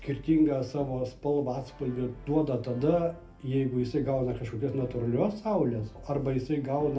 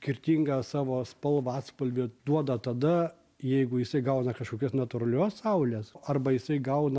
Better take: second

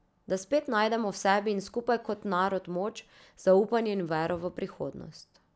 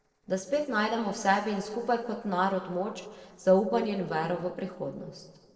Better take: first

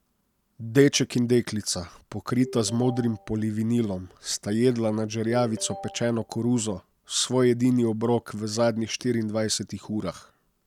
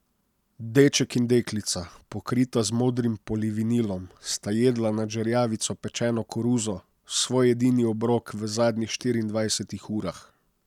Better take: second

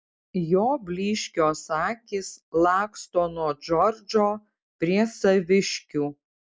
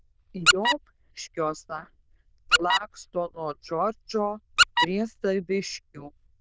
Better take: first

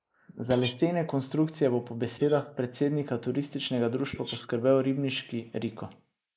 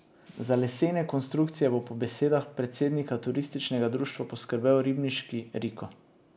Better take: second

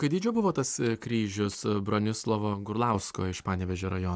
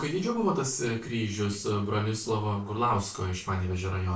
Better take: first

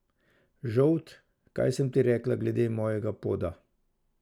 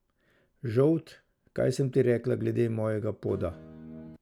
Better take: first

